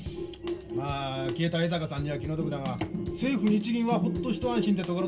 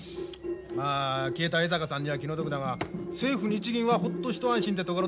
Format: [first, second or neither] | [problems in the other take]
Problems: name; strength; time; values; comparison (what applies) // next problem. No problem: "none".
second | background sound (Drum kit); 16 dB below the speech // room echo; dies away in 0.2 s